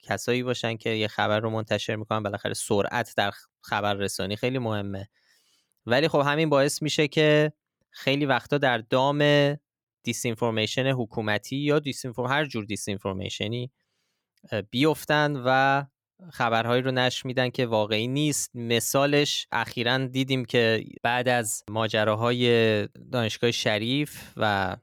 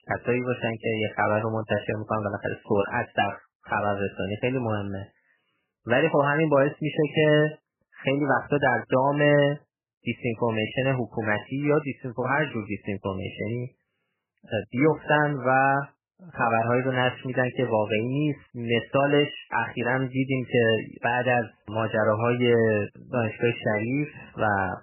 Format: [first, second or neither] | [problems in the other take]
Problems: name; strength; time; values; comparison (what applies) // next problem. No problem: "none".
first | garbled, watery; badly; nothing above 3 kHz